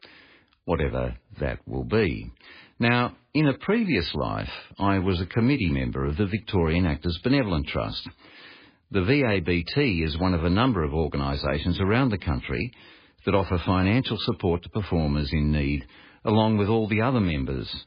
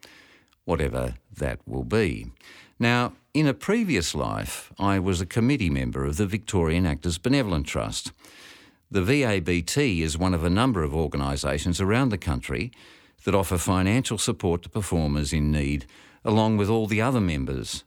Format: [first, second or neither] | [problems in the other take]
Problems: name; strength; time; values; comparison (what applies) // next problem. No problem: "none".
second | garbled, watery; badly; nothing above 4.5 kHz